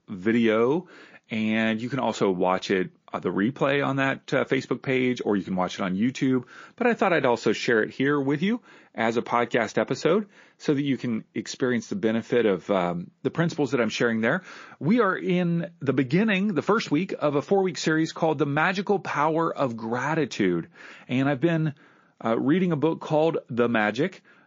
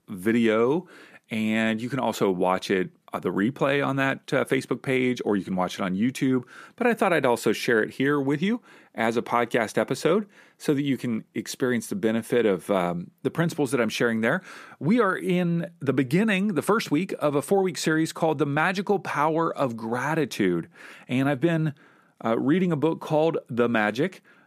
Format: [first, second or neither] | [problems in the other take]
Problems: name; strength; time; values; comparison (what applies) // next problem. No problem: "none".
second | garbled, watery; slightly